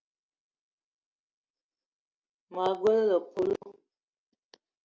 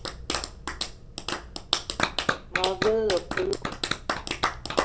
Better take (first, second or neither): first